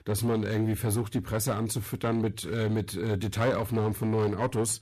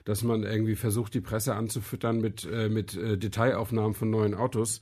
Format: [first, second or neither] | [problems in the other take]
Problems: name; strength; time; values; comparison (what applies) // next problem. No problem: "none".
second | distortion; slight; 8% of the sound clipped